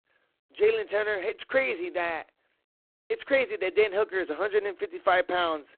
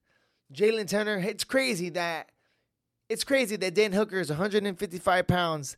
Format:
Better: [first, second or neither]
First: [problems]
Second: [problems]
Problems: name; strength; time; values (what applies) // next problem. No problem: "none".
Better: second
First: phone-call audio; poor line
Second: none